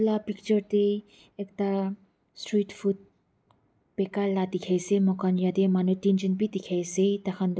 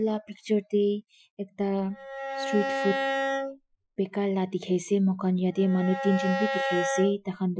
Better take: first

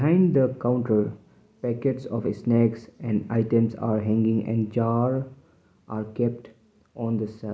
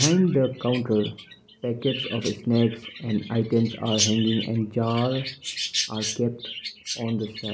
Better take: first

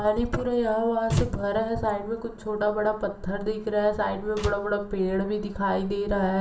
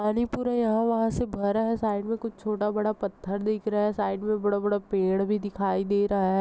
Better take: second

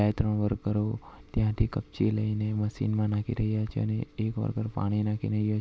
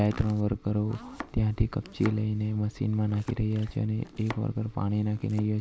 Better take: first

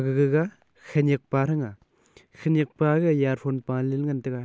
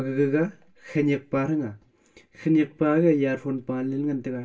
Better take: first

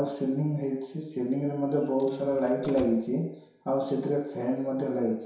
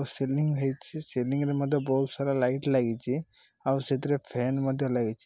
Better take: second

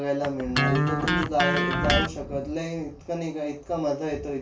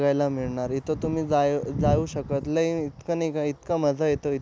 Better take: second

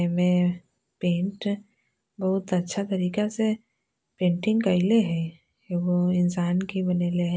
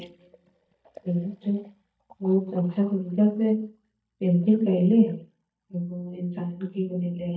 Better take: first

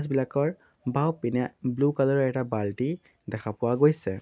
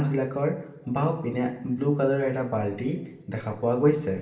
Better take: first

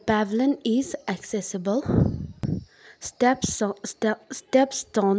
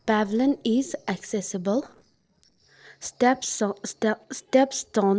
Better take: first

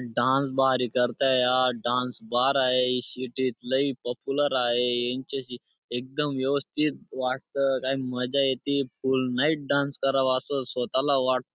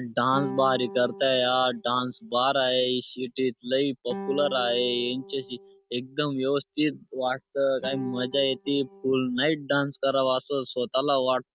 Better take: first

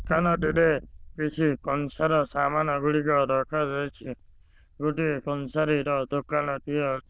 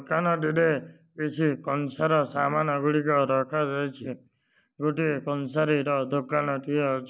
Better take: second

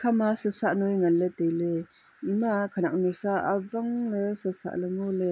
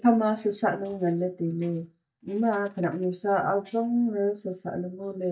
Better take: first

